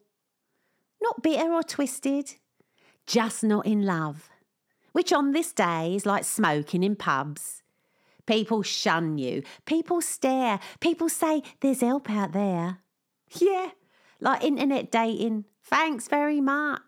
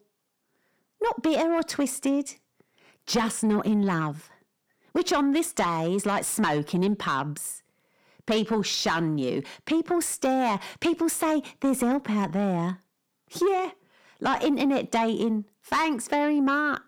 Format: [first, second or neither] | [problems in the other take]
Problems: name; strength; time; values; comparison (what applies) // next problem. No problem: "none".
first | distortion; slight; 10 dB below the speech